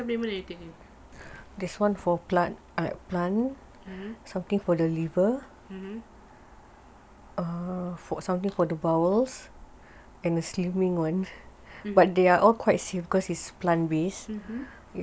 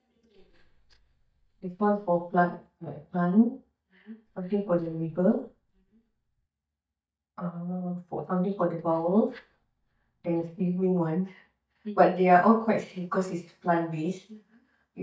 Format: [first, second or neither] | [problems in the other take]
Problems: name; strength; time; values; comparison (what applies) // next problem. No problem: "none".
first | noise reduction (neural mask model DeepFilterNet 3)